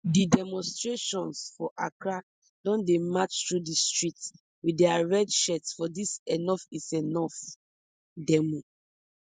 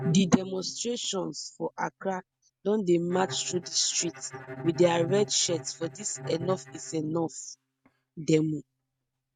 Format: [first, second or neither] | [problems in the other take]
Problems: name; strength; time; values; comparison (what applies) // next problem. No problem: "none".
first | noise reduction (neural mask model RNNoise)